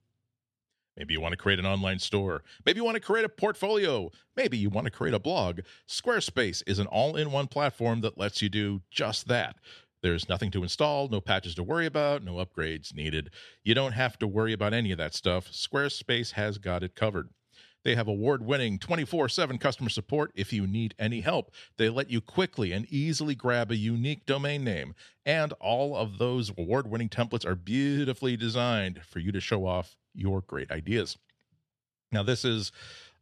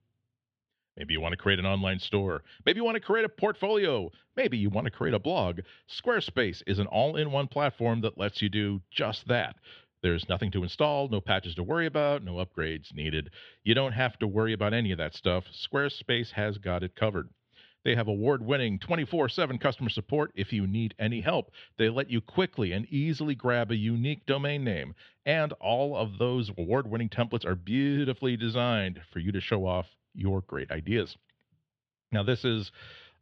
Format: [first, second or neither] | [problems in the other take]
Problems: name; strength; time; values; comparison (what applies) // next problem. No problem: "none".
first | muffled; slightly; fading above 3.5 kHz